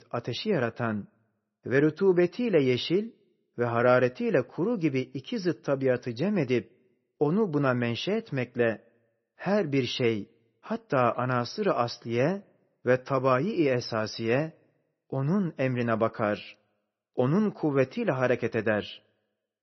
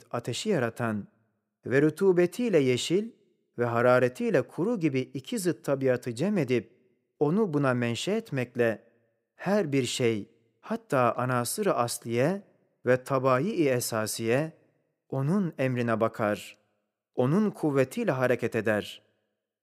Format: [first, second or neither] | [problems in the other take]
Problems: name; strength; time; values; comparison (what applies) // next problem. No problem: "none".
second | garbled, watery; slightly; nothing above 6 kHz